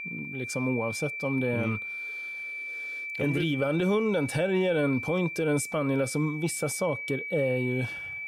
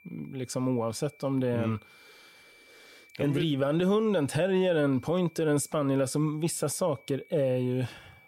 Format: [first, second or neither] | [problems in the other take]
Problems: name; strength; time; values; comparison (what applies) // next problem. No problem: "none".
second | high-pitched whine; loud; throughout; 2.5 kHz, 6 dB below the speech; faint in the second